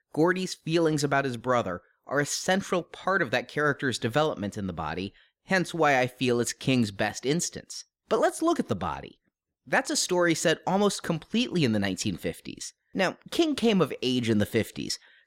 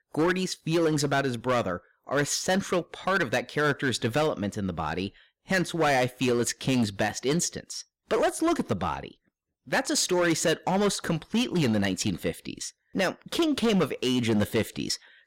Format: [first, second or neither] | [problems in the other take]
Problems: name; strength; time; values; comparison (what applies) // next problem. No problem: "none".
first | distortion; slight; 8% of the sound clipped